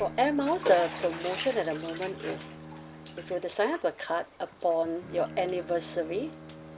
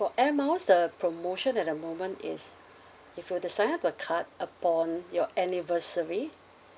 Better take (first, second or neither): second